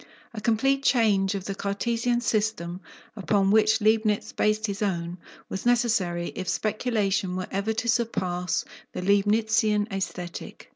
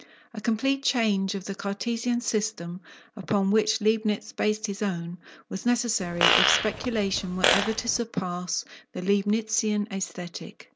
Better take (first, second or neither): first